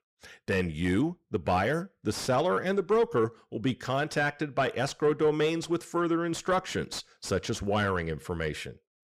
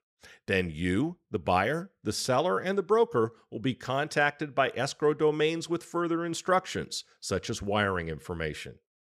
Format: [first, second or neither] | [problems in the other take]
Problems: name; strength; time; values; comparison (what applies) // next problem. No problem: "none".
second | distortion; slight; 10 dB below the speech